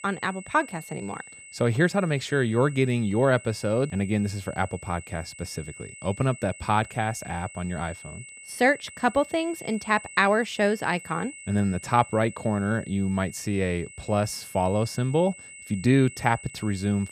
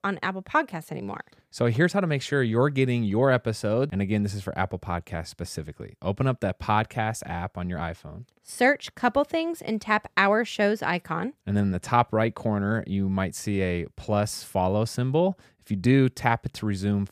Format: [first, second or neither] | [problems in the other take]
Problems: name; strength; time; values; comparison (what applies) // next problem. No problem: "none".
second | high-pitched whine; noticeable; throughout; 2 kHz, 15 dB below the speech